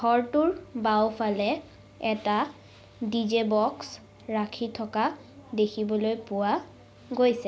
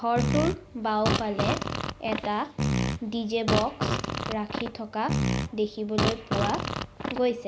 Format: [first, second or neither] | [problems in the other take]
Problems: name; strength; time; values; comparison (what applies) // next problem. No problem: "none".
first | background sound (Fart); as loud as the speech